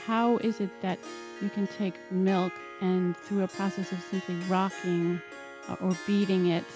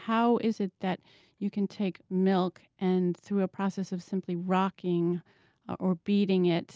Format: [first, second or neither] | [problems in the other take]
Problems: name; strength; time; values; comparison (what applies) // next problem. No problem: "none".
second | background sound (Harp); 14 dB below the speech